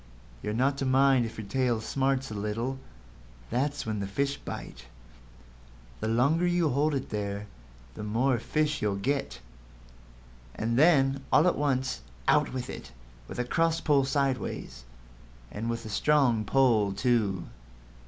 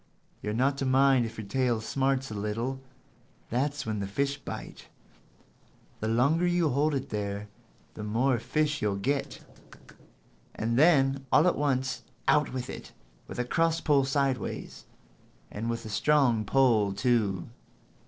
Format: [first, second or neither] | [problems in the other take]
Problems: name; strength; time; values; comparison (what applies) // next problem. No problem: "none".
first | noise reduction (neural separator model SepFormer DNS4)